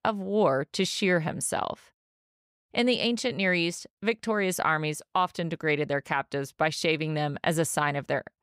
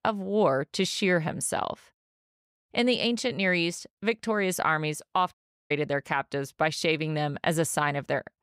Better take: first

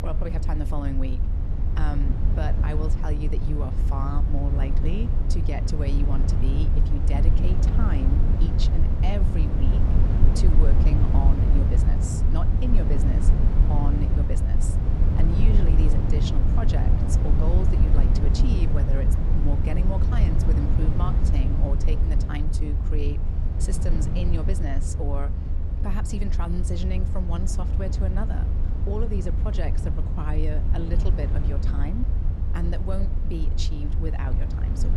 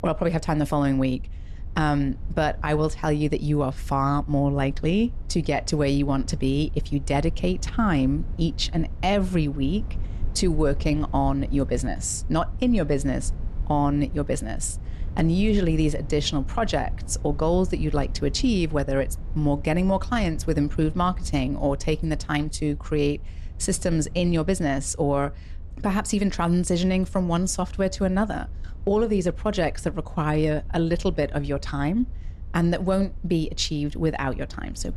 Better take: second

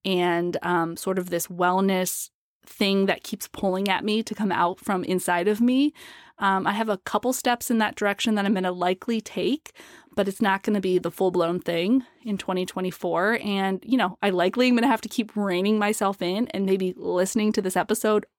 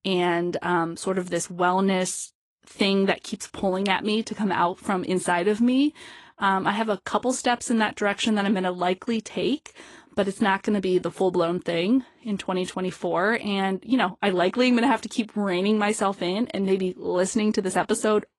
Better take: first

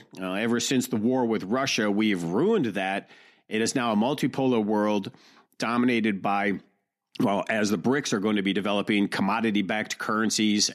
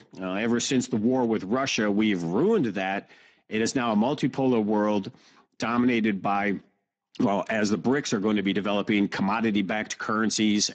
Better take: first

